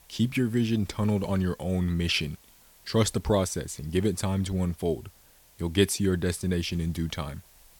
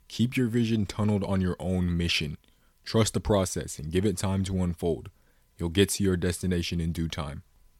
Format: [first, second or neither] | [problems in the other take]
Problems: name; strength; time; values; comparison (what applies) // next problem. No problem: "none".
second | hiss; faint; throughout; 25 dB below the speech